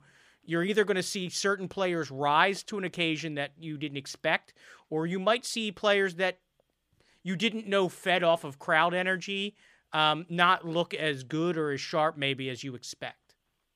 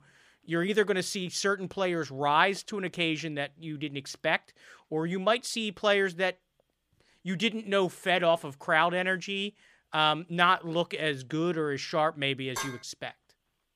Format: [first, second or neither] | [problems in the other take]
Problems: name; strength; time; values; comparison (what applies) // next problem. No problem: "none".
first | clattering dishes; noticeable; at 13 s; peak 8 dB below the speech